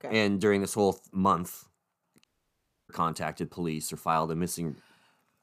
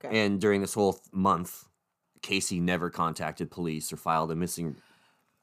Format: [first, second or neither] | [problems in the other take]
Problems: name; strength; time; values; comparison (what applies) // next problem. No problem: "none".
second | audio cutting out; at 2 s for 0.5 s